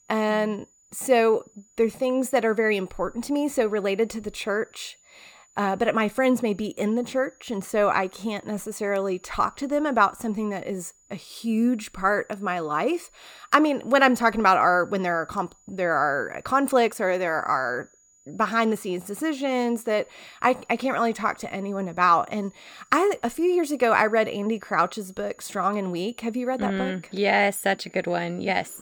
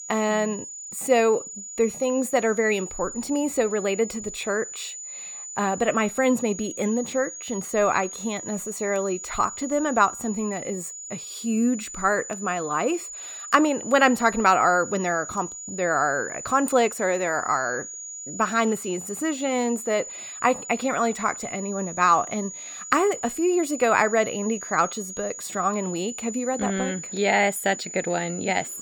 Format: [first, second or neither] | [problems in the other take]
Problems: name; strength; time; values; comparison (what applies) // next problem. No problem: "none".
first | high-pitched whine; loud; throughout; 7 kHz, 10 dB below the speech; faint in the first